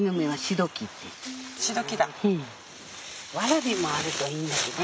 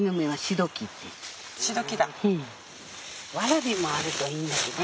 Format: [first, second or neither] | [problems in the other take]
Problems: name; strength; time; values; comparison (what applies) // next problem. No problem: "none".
second | background sound (Bowed string instrument); 17 dB below the speech